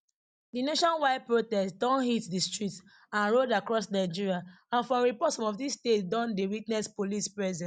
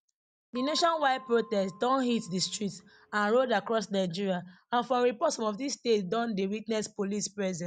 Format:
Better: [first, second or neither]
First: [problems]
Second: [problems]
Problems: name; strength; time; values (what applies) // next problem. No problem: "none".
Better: first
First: none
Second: background sound (Percussion); 19 dB below the speech